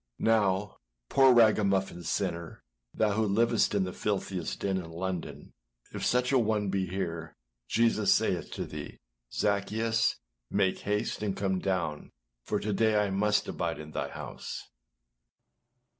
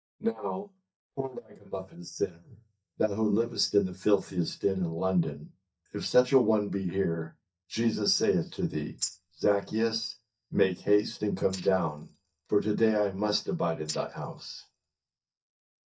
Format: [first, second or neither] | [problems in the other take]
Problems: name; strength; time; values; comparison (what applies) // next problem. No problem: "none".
first | noise reduction (neural mask model DeepFilterNet 3)